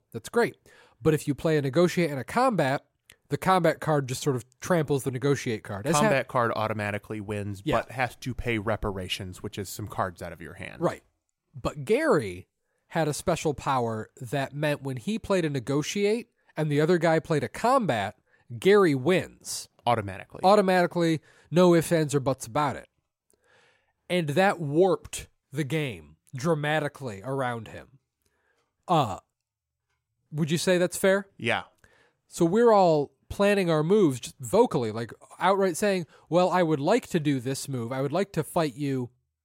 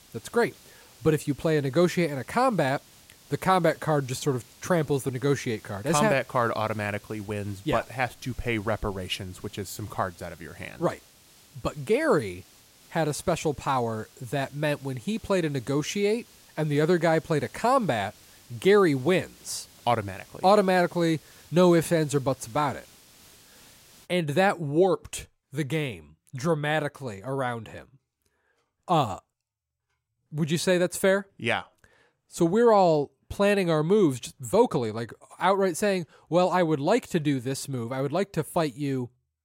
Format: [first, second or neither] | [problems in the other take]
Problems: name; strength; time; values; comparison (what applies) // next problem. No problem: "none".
first | hiss; faint; until 24 s; 25 dB below the speech